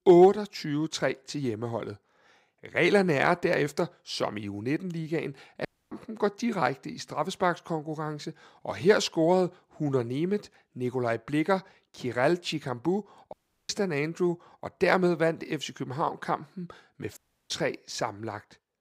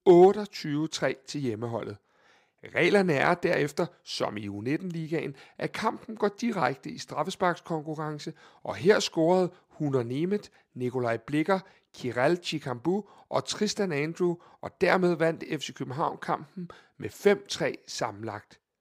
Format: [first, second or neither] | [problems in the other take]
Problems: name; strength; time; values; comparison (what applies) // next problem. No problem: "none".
second | audio cutting out; at 5.5 s, at 13 s and at 17 s